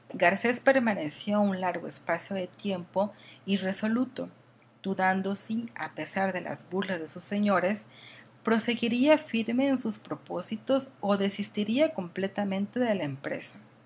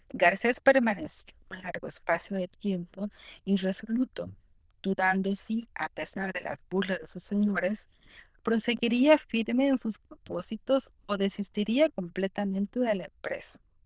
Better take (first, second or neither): first